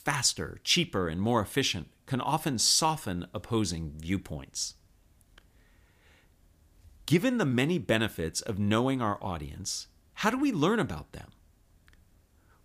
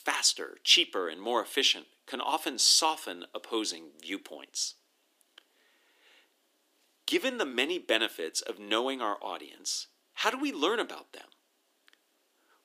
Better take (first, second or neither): first